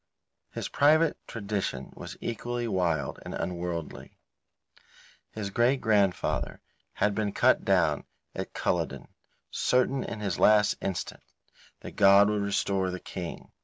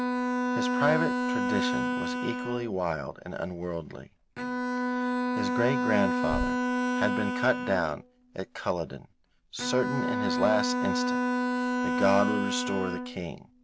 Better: first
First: none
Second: background sound (Bowed string instrument); 1 dB above the speech

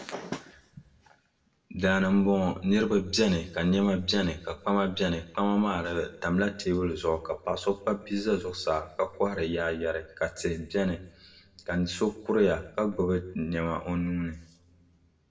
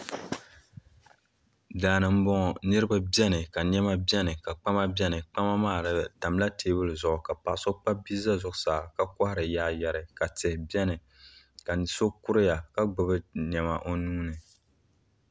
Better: second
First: room echo; dies away in 0.6 s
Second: none

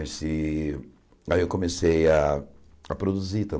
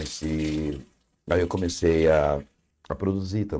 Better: first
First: none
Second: noise reduction (neural mask model RNNoise)

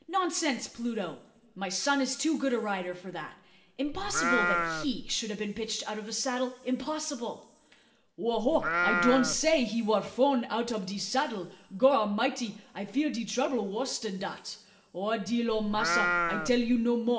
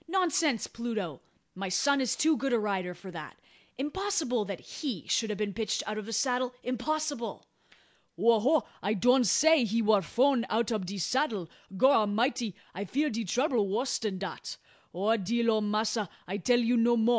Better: second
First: background sound (Livestock, farm animals, working animals); as loud as the speech // room echo; dies away in 1.6 s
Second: none

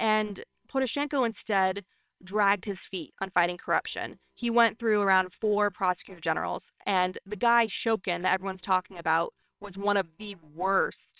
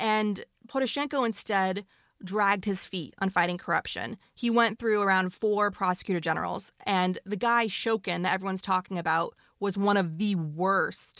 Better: second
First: noise reduction (neural separator model SepFormer WHAMR!)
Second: none

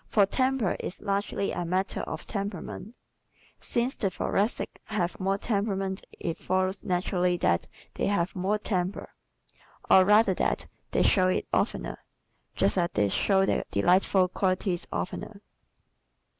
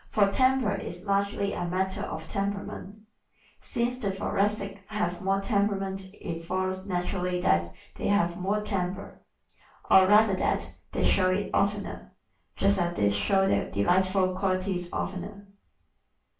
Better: first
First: none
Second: room echo; dies away in 0.3 s

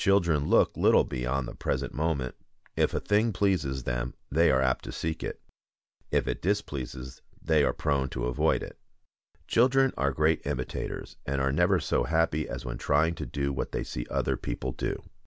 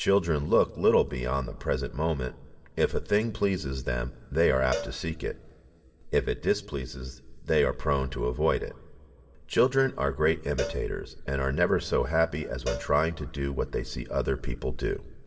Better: first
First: none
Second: background sound (Cowbell); 14 dB below the speech // room echo; dies away in 1.9 s

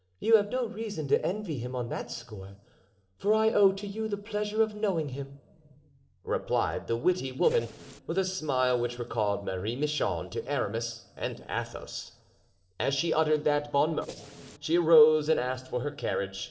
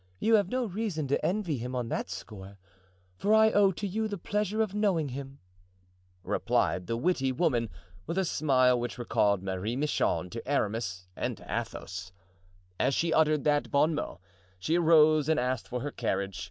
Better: second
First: noise reduction (neural separator model SepFormer DNS4)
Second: none

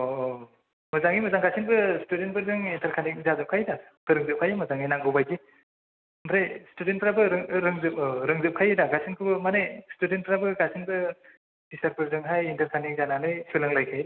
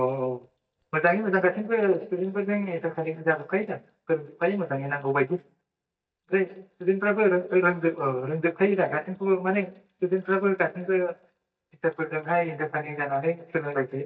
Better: first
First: none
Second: noise reduction (neural mask model DeepFilterNet 3)

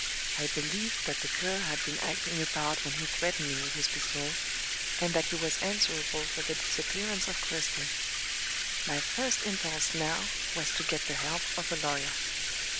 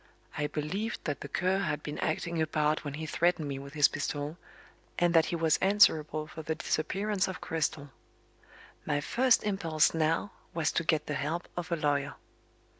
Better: second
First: background sound (Bathtub (filling or washing)); 3 dB above the speech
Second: none

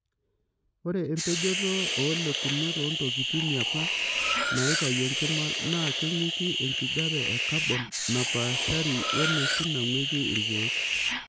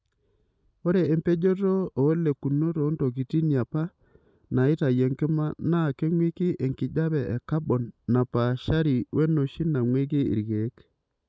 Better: second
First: background sound (Cutlery, silverware + Hiss); 3 dB above the speech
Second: none

